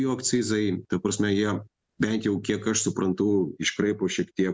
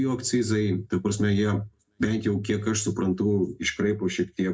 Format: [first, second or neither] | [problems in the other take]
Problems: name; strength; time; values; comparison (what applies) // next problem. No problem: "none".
first | room echo; dies away in 0.2 s